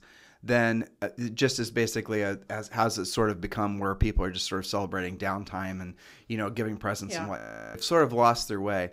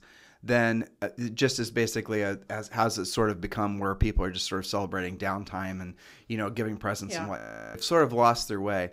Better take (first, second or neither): neither